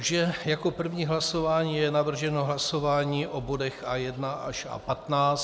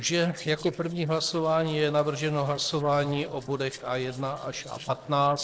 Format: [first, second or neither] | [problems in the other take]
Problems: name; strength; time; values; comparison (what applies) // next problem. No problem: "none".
first | noise reduction (neural separator model SepFormer DNS4)